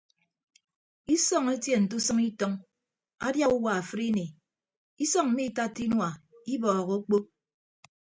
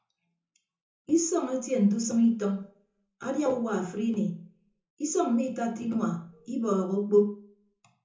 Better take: first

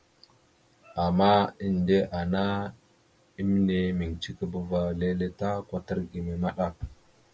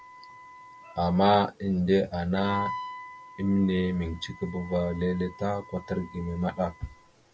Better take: first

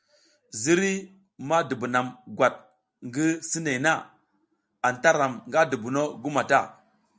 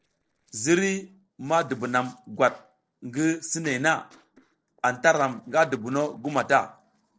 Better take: first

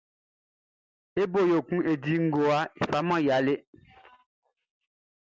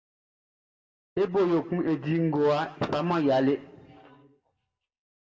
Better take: first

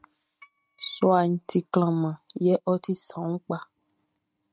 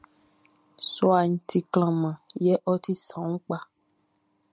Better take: second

